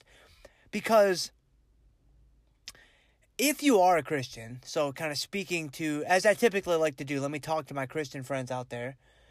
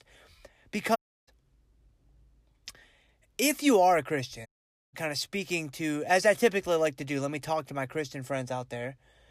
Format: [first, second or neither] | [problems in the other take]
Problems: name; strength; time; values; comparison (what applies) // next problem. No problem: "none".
first | audio cutting out; at 1 s and at 4.5 s